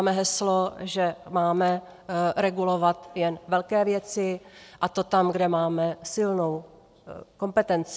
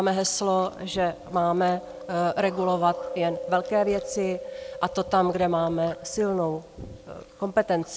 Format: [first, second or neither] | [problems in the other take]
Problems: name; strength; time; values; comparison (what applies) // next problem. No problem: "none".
first | background sound (Chewing, mastication); 12 dB below the speech